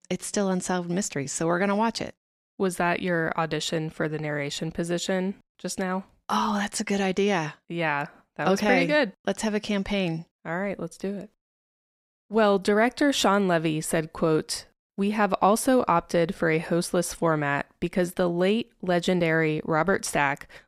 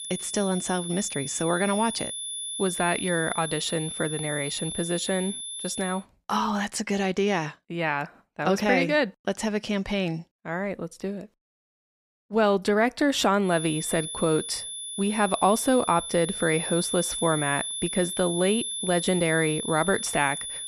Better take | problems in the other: first | high-pitched whine; loud; until 6 s and from 14 s on; 10.5 kHz, 5 dB below the speech

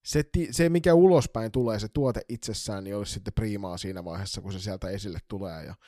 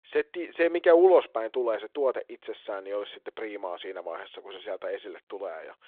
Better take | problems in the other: first | phone-call audio; nothing above 3.5 kHz

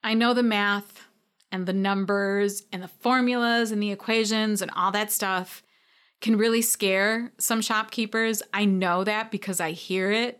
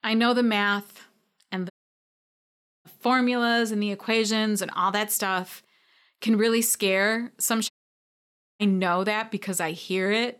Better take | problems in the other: first | audio cutting out; at 1.5 s for 1 s and at 7.5 s for 1 s

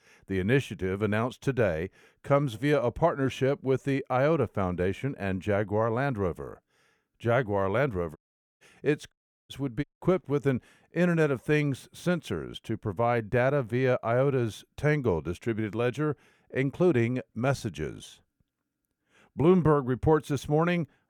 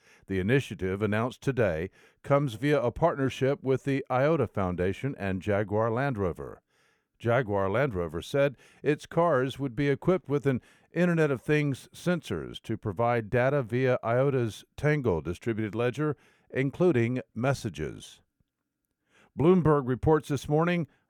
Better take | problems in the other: second | audio cutting out; at 8 s, at 9 s and at 10 s

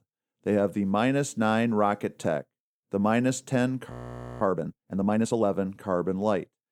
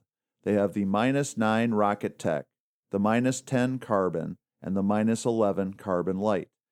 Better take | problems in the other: second | audio freezing; at 4 s for 0.5 s

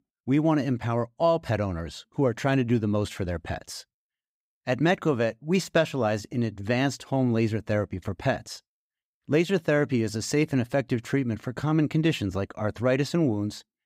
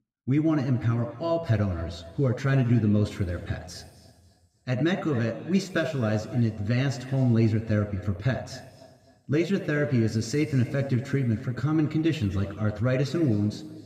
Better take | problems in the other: first | room echo; noticeable; dies away in 1.9 s // off-mic speech; somewhat distant

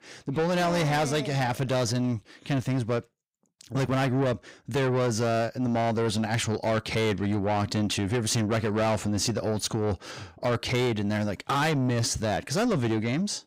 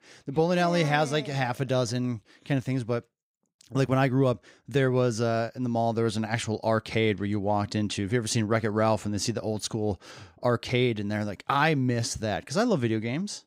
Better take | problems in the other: second | distortion; heavy; 8 dB below the speech

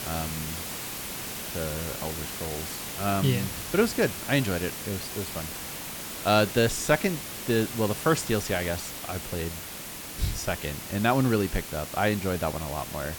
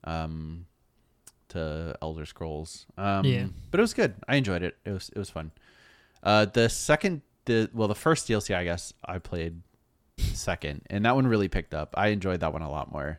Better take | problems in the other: second | hiss; loud; throughout; 6 dB below the speech

